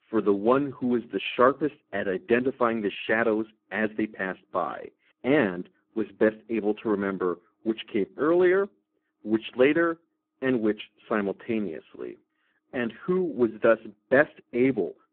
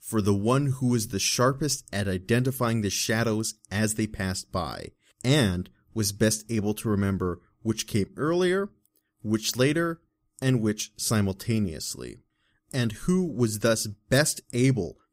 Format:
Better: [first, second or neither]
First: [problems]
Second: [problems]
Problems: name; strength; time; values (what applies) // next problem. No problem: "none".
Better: second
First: phone-call audio; poor line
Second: none